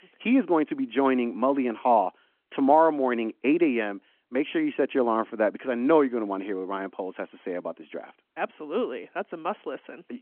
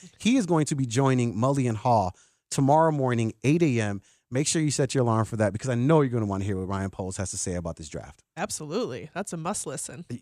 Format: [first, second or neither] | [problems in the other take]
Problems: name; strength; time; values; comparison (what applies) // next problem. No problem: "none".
second | phone-call audio